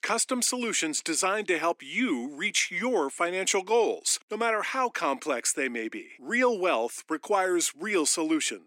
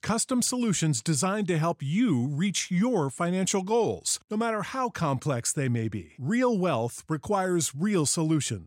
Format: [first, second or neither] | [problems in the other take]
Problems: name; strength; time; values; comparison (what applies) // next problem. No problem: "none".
second | thin; somewhat; fading below 250 Hz